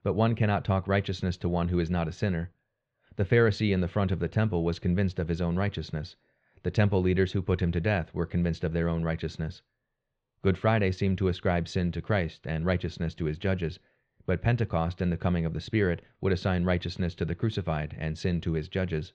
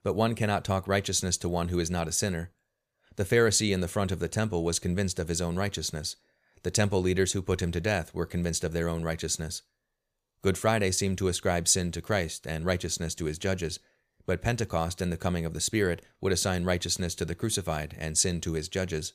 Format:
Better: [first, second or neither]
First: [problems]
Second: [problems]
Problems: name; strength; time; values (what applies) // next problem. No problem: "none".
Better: second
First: muffled; very; fading above 3.5 kHz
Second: none